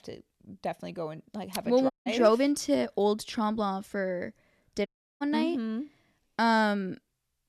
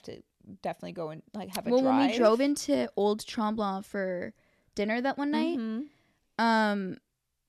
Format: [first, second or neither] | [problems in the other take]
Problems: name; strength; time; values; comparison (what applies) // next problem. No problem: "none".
second | audio cutting out; at 2 s and at 5 s